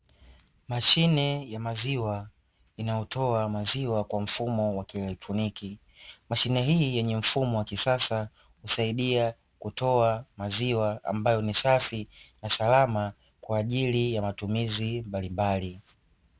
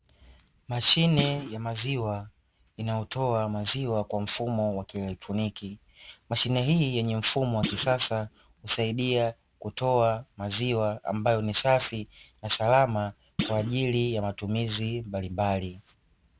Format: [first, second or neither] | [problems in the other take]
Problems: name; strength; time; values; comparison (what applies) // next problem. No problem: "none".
first | background sound (Thump, thud); 9 dB below the speech